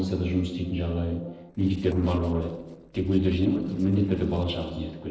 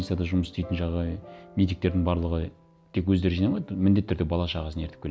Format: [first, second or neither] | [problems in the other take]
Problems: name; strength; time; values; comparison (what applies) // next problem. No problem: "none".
second | noise reduction (neural separator model SepFormer DNS4)